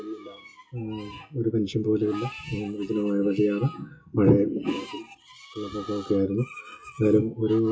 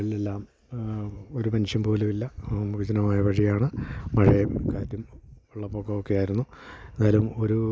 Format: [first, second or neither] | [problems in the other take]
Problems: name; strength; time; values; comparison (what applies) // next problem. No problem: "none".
second | noise reduction (classical method WPE with log-MMSE)